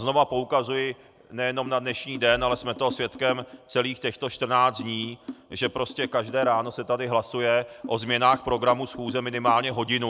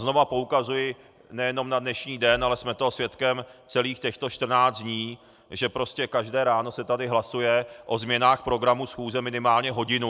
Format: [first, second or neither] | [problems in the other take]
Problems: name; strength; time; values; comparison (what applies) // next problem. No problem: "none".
second | background sound (Drum); 14 dB below the speech